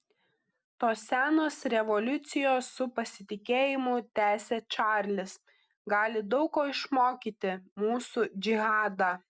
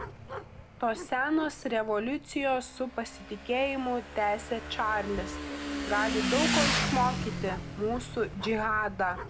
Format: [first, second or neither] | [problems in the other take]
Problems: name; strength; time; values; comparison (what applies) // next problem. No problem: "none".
first | background sound (Motorcycle / Engine); 4 dB below the speech